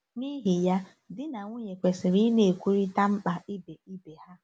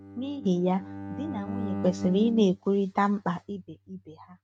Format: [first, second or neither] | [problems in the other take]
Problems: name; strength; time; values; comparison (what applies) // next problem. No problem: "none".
first | noise reduction (neural mask model RNNoise)